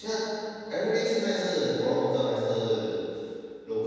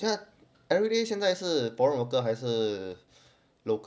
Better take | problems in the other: second | room echo; dies away in 2.1 s

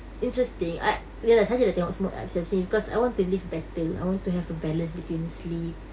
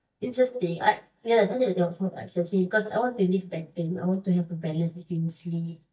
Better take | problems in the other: first | noise reduction (neural mask model DeepFilterNet 3)

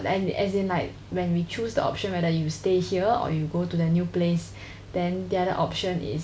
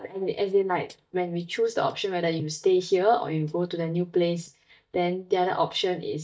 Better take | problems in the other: first | noise reduction (neural mask model DeepFilterNet 3)

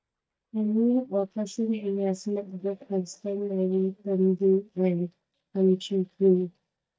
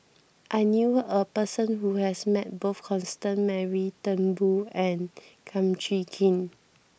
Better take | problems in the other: second | noise reduction (neural mask model DeepFilterNet 3)

